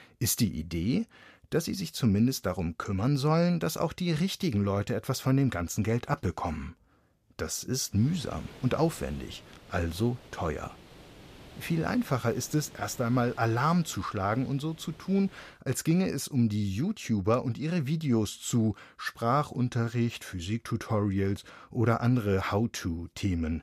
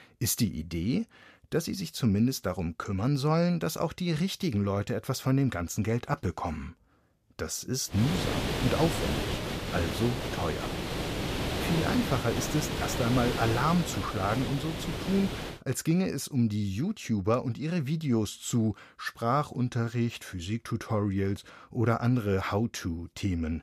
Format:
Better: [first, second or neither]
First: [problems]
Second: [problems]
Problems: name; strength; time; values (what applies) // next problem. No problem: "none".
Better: first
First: hiss; faint; from 8 to 16 s; 20 dB below the speech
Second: hiss; loud; from 8 to 16 s; 3 dB below the speech